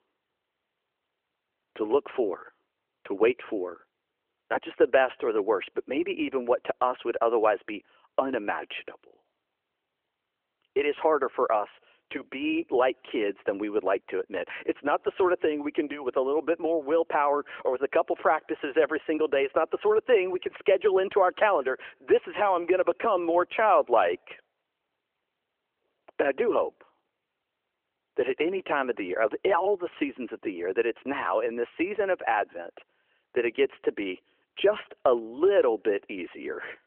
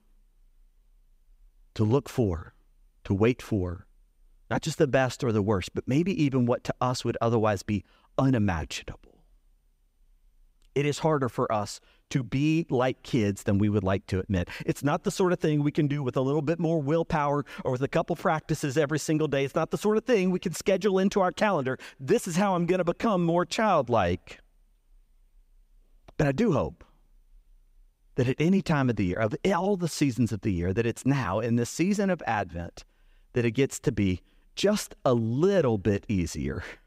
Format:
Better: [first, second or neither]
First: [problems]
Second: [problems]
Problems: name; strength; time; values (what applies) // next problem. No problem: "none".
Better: second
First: phone-call audio; nothing above 3 kHz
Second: none